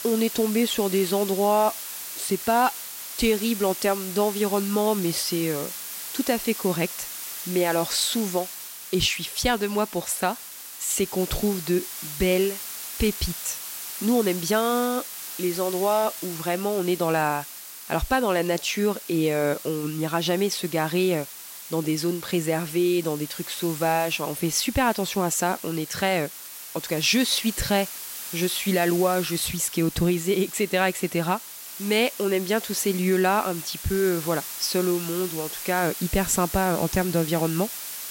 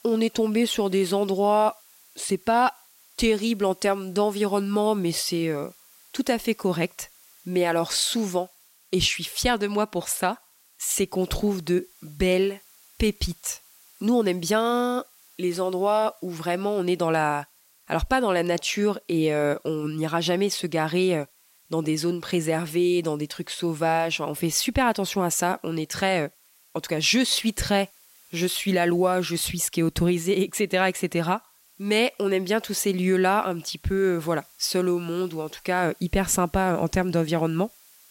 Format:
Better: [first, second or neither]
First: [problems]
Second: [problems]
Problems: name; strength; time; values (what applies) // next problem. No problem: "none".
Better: second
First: hiss; loud; throughout; 9 dB below the speech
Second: hiss; faint; throughout; 30 dB below the speech